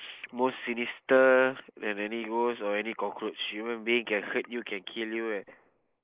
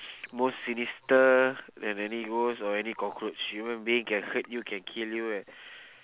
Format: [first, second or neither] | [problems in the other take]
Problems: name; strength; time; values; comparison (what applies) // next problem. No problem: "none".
second | noise reduction (neural mask model Resemble Enhance denoiser)